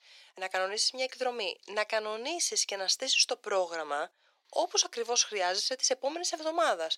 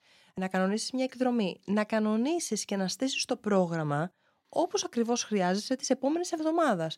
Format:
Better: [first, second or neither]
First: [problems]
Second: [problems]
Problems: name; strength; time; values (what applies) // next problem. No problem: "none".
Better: second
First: thin; very; fading below 450 Hz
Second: none